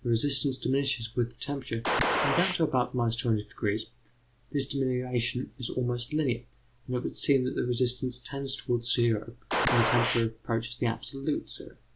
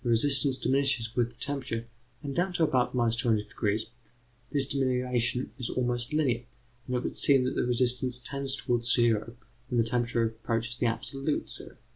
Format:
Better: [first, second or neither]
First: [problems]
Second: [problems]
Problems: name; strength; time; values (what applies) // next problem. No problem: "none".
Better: second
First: background sound (Gunshot, gunfire); 1 dB above the speech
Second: none